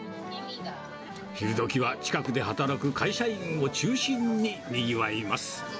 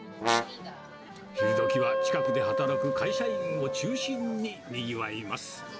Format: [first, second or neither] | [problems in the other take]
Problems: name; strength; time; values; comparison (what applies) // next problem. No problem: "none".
first | background sound (Wind instrument, woodwind instrument + Brass instrument); 5 dB above the speech